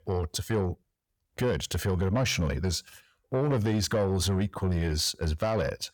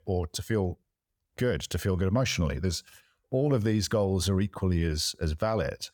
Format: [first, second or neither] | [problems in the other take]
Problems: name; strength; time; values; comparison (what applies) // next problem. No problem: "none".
second | distortion; slight; 10 dB below the speech